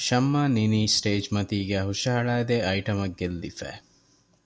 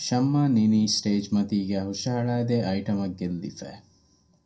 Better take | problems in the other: first | room echo; dies away in 0.2 s

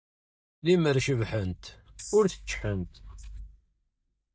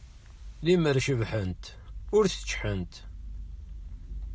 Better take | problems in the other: second | noise reduction (neural mask model DeepFilterNet 3)

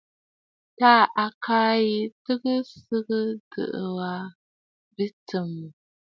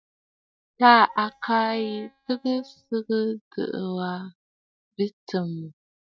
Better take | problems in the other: first | noise reduction (neural mask model DeepFilterNet 3)

